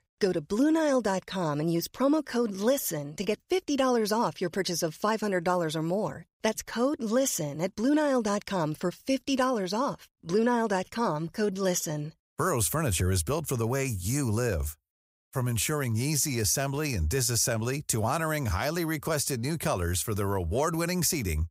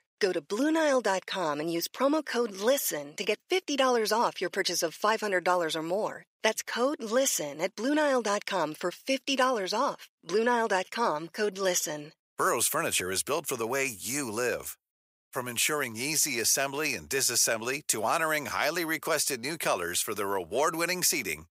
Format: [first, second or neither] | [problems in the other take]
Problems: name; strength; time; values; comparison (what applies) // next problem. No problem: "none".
first | thin; somewhat; fading below 350 Hz